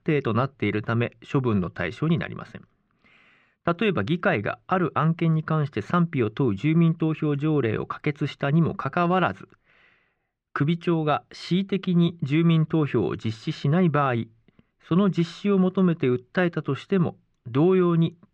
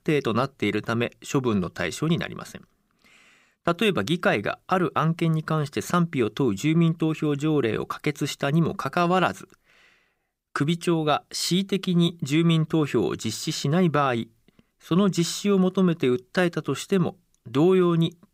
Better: second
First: muffled; slightly; fading above 2.5 kHz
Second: none

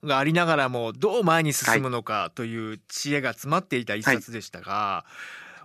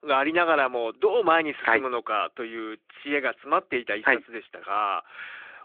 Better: first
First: none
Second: phone-call audio; nothing above 3.5 kHz

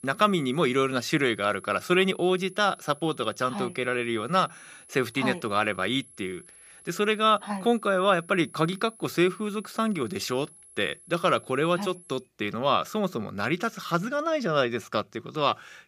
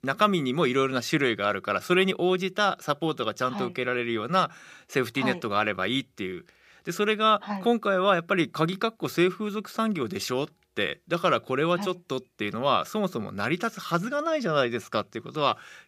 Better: second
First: high-pitched whine; faint; until 12 s; 11 kHz, 25 dB below the speech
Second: none

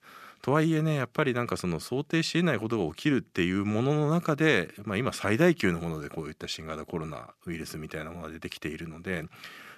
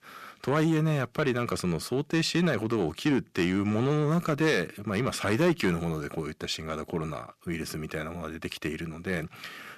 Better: first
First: none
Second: distortion; slight; 10 dB below the speech

